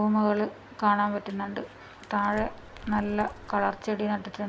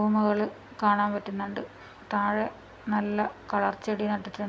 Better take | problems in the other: second | background sound (Crumpling, crinkling); 17 dB below the speech

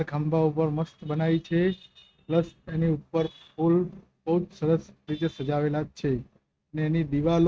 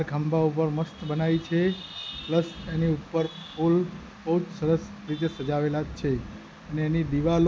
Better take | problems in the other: second | noise reduction (neural mask model RNNoise)

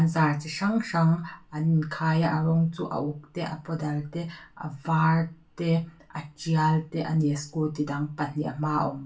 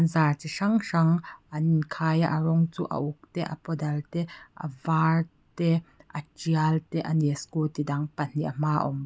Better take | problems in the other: second | room echo; dies away in 0.3 s

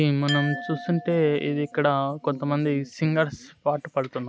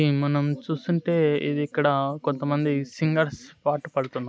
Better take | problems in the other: second | background sound (Glass); 15 dB below the speech

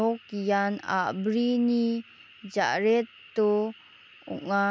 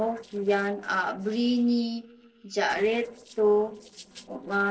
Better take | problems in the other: first | noise reduction (neural separator model SepFormer DNS4)

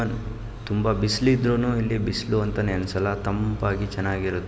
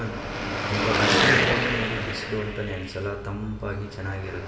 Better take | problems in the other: first | background sound (Car passing by / Traffic noise, roadway noise / Engine); 3 dB above the speech // room echo; dies away in 1 s

